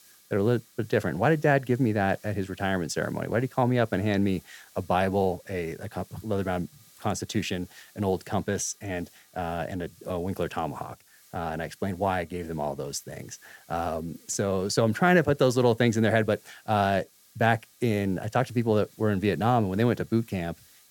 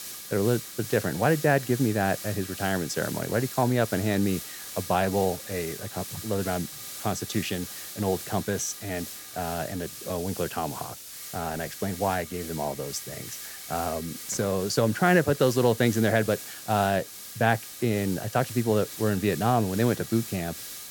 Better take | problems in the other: first | hiss; loud; throughout; 10 dB below the speech; faint in the first

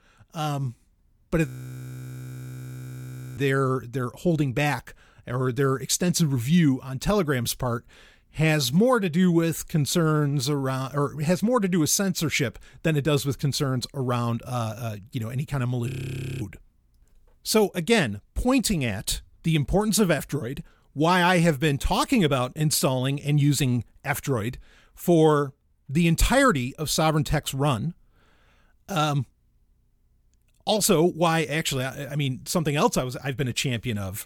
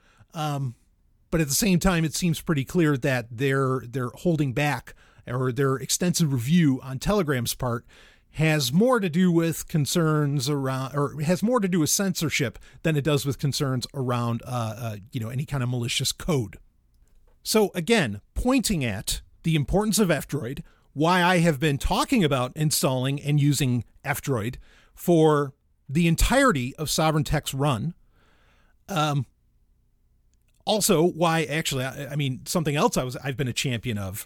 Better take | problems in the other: second | audio freezing; at 1.5 s for 2 s and at 16 s for 0.5 s

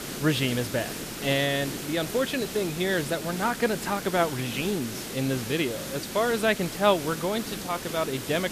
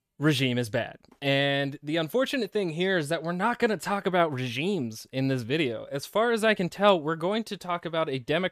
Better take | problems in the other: second | hiss; loud; throughout; 7 dB below the speech

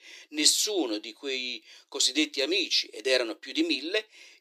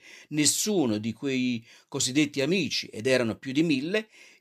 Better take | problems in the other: second | thin; somewhat; fading below 300 Hz

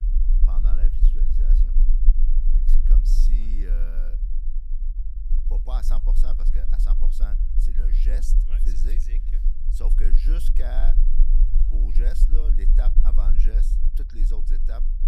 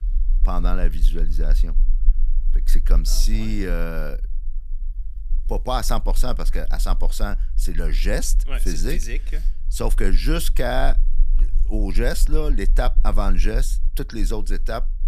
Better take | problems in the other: second | low rumble; loud; throughout; 5 dB below the speech; faint in the second

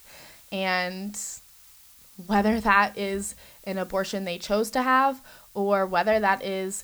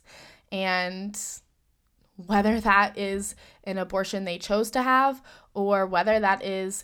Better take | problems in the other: second | hiss; faint; throughout; 25 dB below the speech

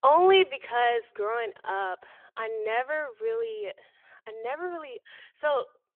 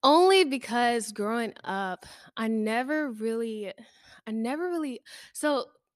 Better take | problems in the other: second | phone-call audio; nothing above 3 kHz

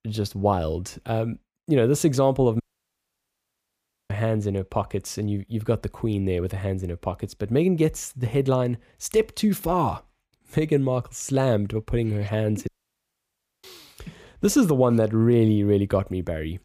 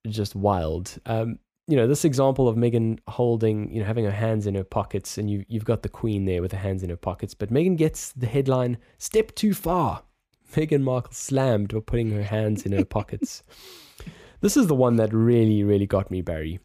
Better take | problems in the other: second | audio cutting out; at 2.5 s for 1.5 s and at 13 s for 1 s

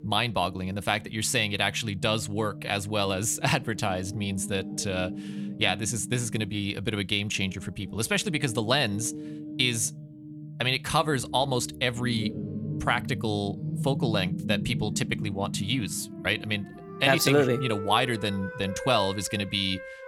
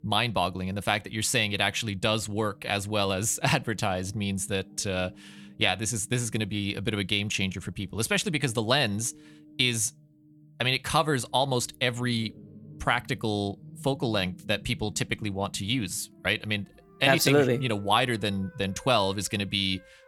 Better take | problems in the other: second | background music; loud; throughout; 10 dB below the speech; faint in the second

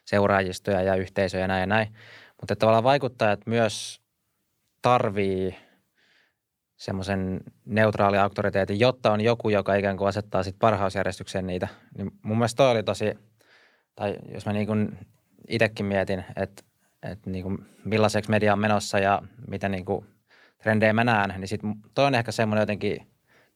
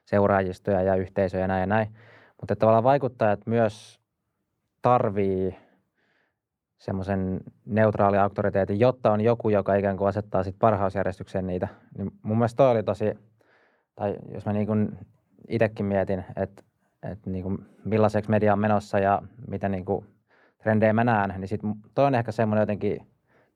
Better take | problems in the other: first | muffled; slightly; fading above 2 kHz

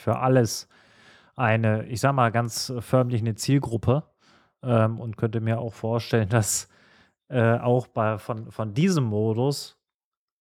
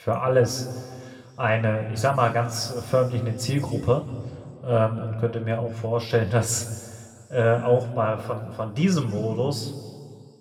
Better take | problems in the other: first | room echo; noticeable; dies away in 1.6 s // off-mic speech; somewhat distant

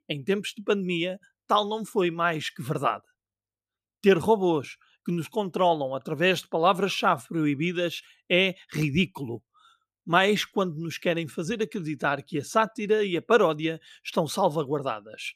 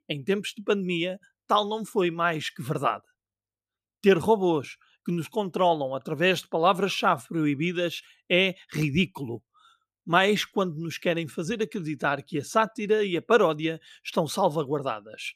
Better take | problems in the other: neither | none

